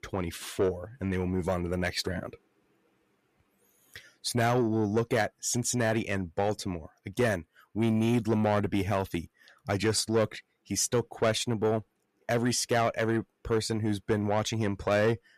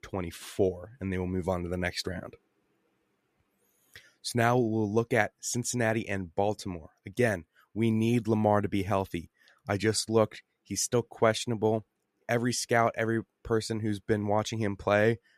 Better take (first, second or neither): second